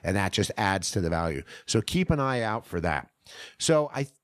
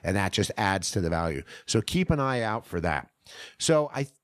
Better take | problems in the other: neither | none

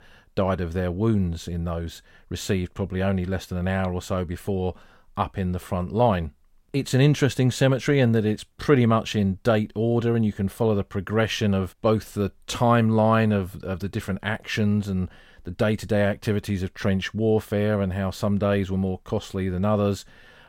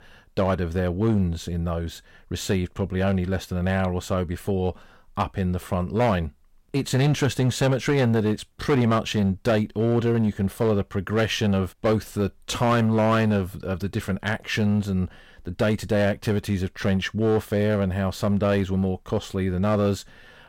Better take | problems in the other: first | distortion; slight; 6% of the sound clipped

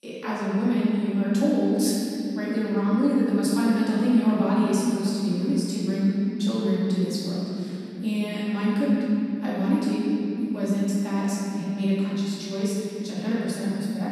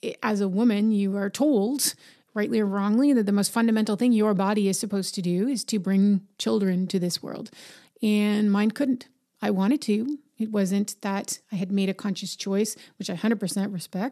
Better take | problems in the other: second | off-mic speech; far // room echo; strong; dies away in 3 s

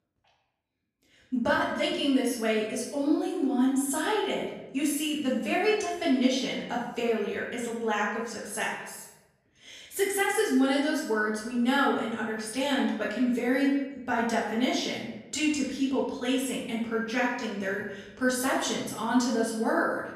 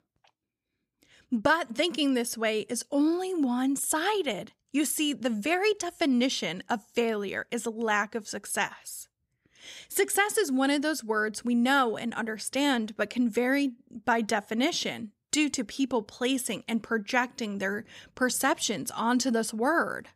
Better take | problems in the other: second | off-mic speech; far // room echo; noticeable; dies away in 0.9 s

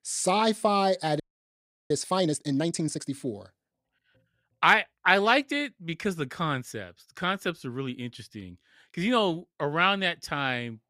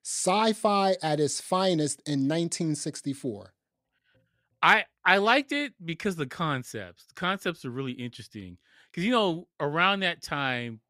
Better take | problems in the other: second | audio freezing; at 1 s for 0.5 s

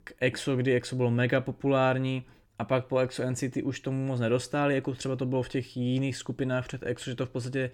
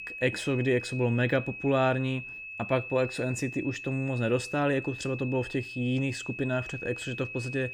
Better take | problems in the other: first | high-pitched whine; loud; throughout; 2.5 kHz, 9 dB below the speech

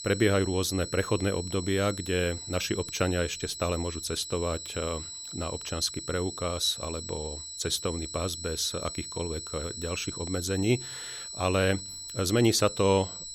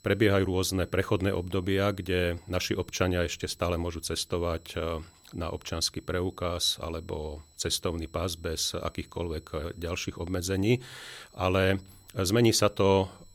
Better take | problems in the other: second | high-pitched whine; loud; throughout; 8 kHz, 8 dB below the speech; faint in the second

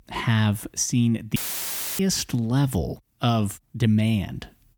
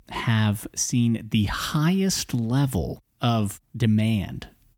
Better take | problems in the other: second | audio cutting out; filled with static; at 1.5 s for 0.5 s

